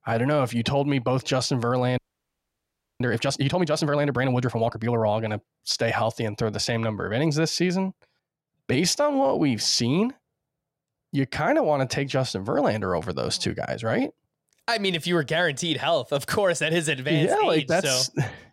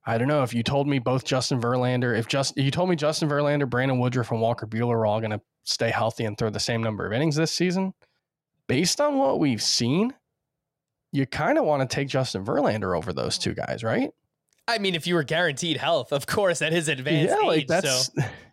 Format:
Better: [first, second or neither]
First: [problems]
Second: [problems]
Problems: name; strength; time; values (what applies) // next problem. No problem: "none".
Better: second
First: audio freezing; at 2 s for 1 s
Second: none